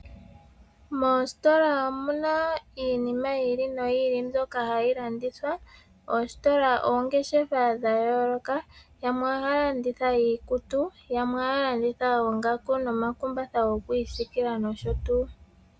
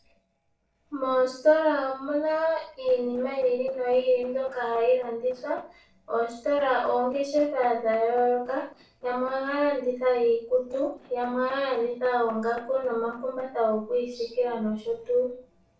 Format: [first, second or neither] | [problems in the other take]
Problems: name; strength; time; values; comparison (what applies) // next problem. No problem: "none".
first | noise reduction (neural separator model SepFormer DNS4)